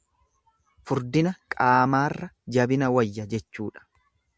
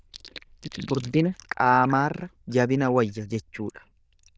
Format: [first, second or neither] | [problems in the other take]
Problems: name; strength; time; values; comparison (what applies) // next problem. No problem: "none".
first | noise reduction (neural diffusion model UNIVERSE++)